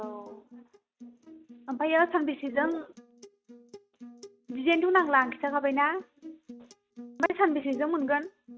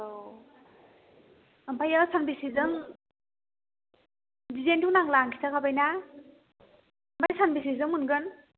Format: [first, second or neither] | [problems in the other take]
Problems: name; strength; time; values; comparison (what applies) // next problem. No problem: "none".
second | noise reduction (neural mask model RNNoise)